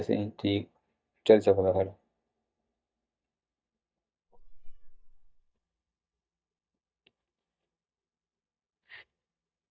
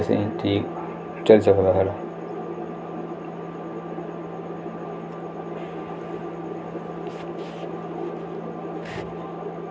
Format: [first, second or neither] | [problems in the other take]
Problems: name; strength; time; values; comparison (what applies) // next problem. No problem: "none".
second | noise reduction (neural mask model DeepFilterNet 3)